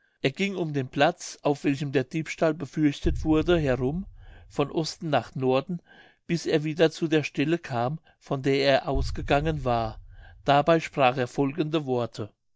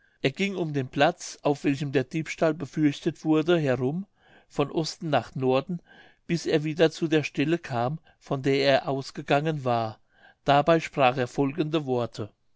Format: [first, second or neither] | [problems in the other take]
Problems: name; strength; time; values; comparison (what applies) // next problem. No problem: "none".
second | noise reduction (neural mask model DeepFilterNet 3)